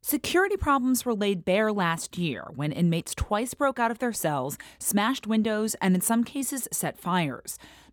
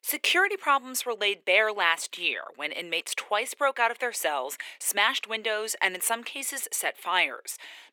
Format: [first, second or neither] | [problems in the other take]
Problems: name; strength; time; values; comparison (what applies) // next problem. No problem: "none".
first | thin; very; fading below 450 Hz